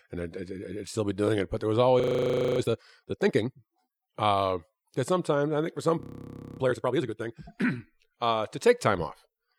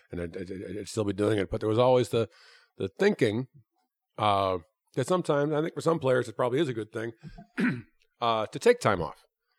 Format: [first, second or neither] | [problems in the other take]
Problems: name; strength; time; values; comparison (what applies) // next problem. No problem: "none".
second | audio freezing; at 2 s for 0.5 s and at 6 s for 0.5 s